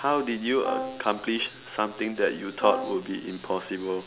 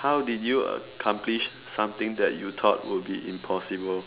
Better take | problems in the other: second | background sound (Brass instrument); 6 dB below the speech

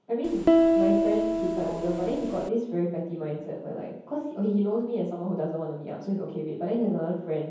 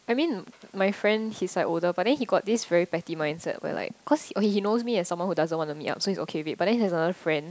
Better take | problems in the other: second | background sound (Piano); 5 dB above the speech // room echo; dies away in 0.9 s

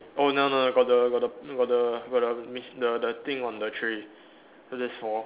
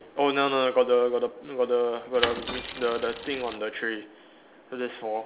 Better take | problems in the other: first | background sound (Mechanisms / Bicycle); 7 dB below the speech

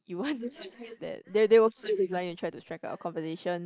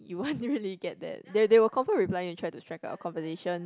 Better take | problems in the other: second | noise reduction (neural mask model Resemble Enhance denoiser)

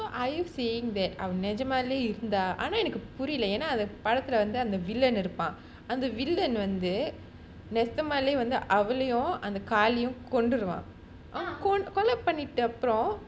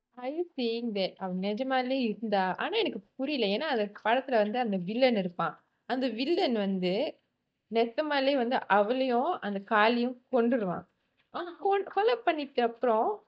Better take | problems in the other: first | noise reduction (neural mask model DeepFilterNet 3)

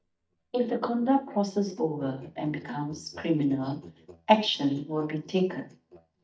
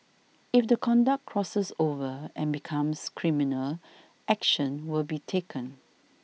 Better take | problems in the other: second | noise reduction (neural mask model DeepFilterNet 3)

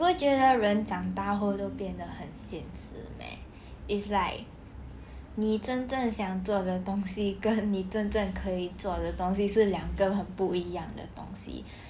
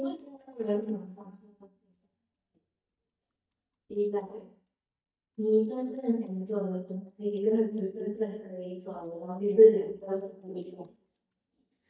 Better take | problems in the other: first | noise reduction (neural mask model DeepFilterNet 3)

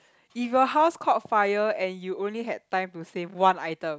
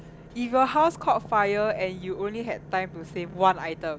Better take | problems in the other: first | background sound (Engine / Boat, Water vehicle); 17 dB below the speech

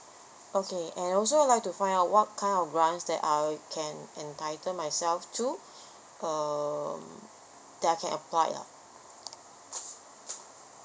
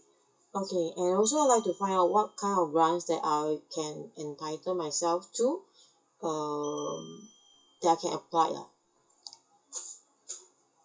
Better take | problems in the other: first | noise reduction (classical method WPE with log-MMSE)

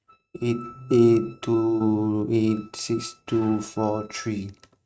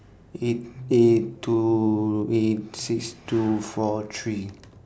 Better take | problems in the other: second | noise reduction (neural mask model RNNoise)

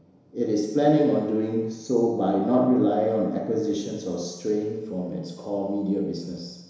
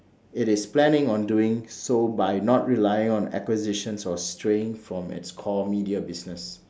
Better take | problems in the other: second | room echo; dies away in 1 s

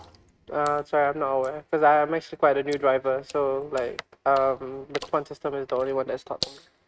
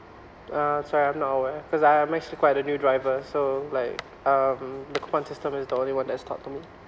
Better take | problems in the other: second | noise reduction (neural mask model RNNoise)

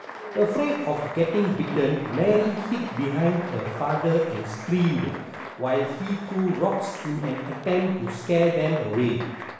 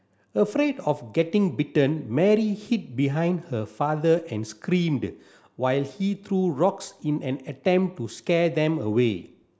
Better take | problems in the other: second | background sound (Applause); 12 dB below the speech // room echo; dies away in 0.9 s

